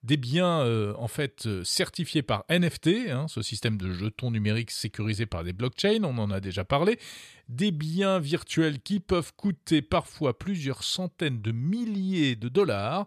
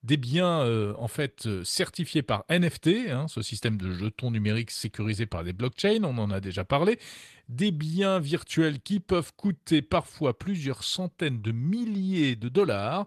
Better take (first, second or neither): first